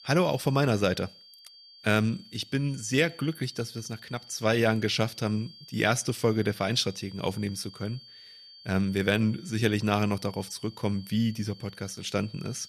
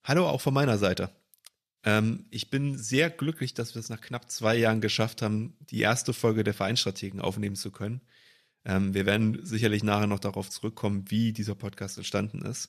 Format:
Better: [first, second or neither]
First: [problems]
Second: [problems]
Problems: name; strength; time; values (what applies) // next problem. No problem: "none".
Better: second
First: high-pitched whine; noticeable; throughout; 4.5 kHz, 20 dB below the speech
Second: none